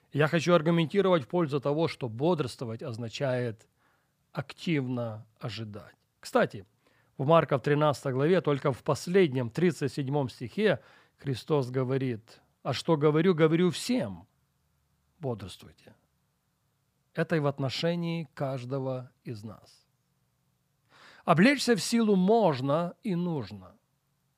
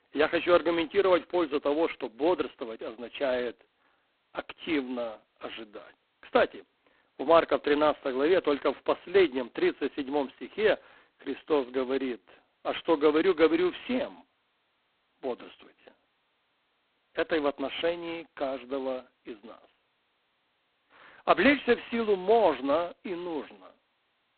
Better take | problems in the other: first | phone-call audio; poor line; nothing above 4 kHz

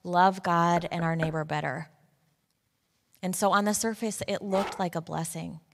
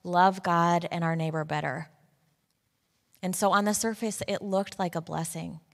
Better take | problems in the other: second | door banging; faint; at 1 s; peak 10 dB below the speech // dog barking; noticeable; at 4.5 s; peak 8 dB below the speech

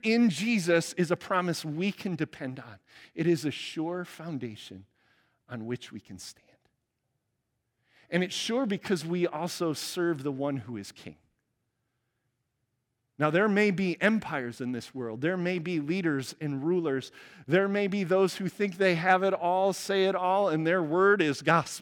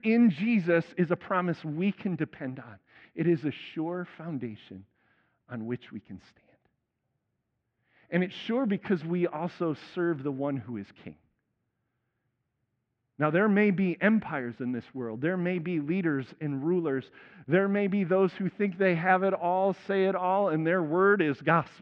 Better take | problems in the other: first | muffled; very; fading above 2.5 kHz

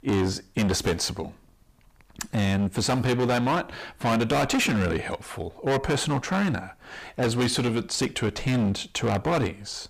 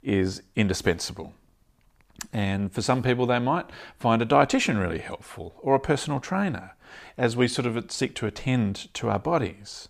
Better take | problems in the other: second | distortion; heavy; 16% of the sound clipped

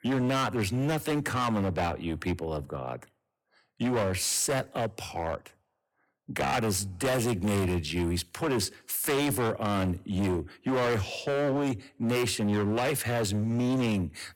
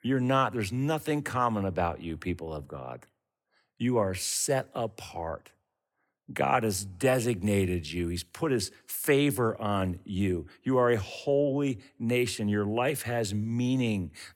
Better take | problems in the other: second | distortion; heavy; 22% of the sound clipped

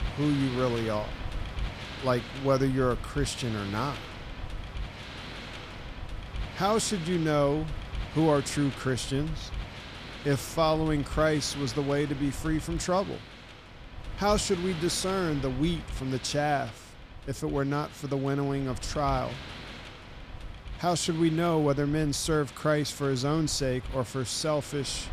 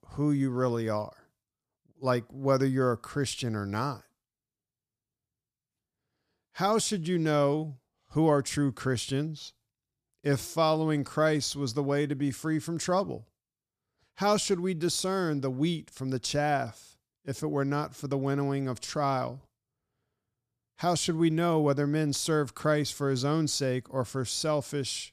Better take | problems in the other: second | wind noise on the microphone; occasional gusts; 10 dB below the speech

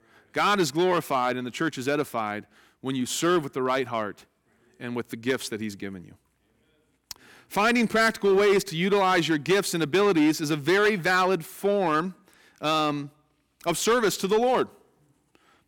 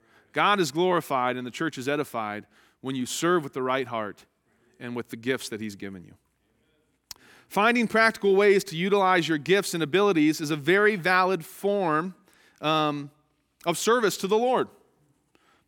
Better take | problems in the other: second | distortion; slight; 5% of the sound clipped

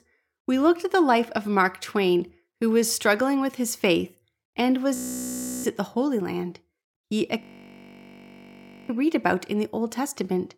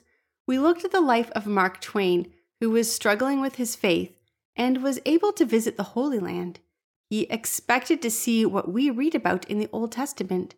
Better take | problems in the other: second | audio freezing; at 5 s for 0.5 s and at 7.5 s for 1.5 s

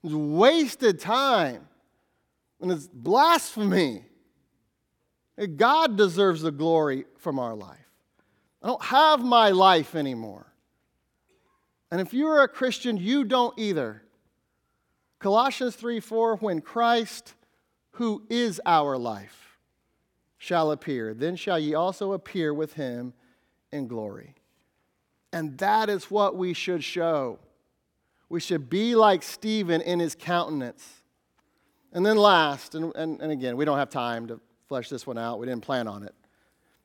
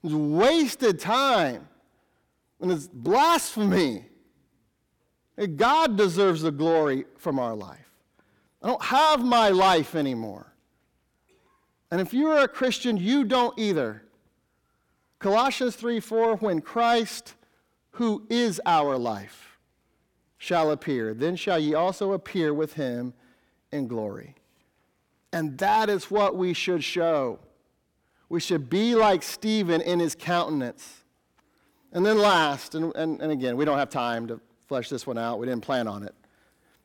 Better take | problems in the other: first | distortion; slight; 10 dB below the speech

